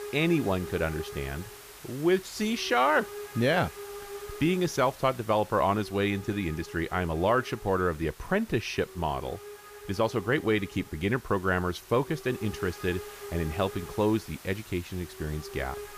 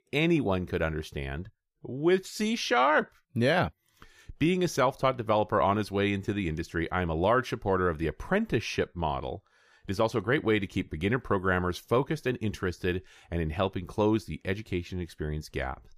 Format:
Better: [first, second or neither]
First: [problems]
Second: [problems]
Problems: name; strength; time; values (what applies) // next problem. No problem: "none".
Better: second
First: hiss; noticeable; throughout; 15 dB below the speech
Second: none